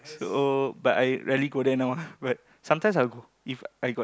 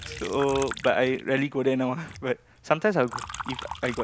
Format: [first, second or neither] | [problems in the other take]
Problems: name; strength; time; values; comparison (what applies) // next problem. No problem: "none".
first | background sound (Liquid); 13 dB below the speech